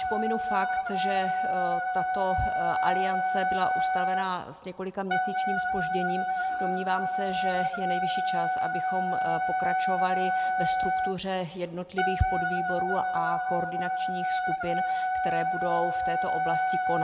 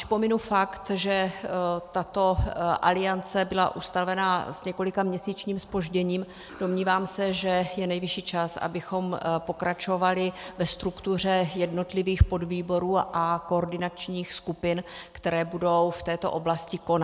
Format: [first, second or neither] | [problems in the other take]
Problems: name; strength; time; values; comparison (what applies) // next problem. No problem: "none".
second | background sound (Wind instrument, woodwind instrument); 5 dB above the speech